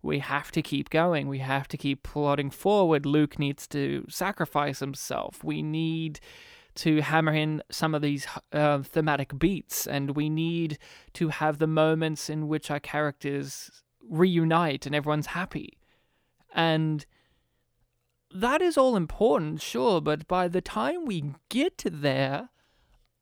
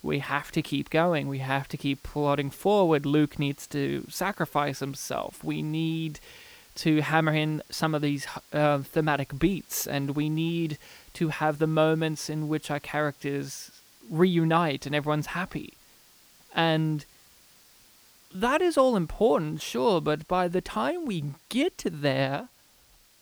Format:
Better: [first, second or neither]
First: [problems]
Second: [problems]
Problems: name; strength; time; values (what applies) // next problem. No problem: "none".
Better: first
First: none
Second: hiss; faint; throughout; 25 dB below the speech